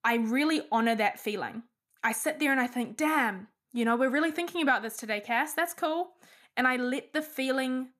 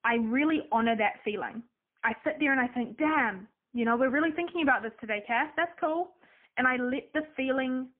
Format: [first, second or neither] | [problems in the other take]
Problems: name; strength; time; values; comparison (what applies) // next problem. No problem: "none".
first | phone-call audio; poor line; nothing above 3 kHz